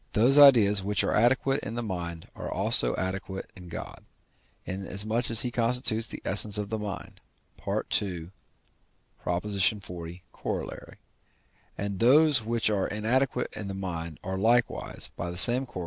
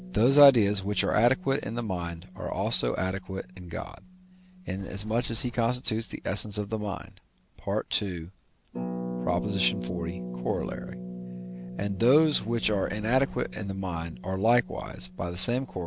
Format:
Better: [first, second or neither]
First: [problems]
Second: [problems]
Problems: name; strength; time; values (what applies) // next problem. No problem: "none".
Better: first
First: none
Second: background sound (Sliding door + Harp); 11 dB below the speech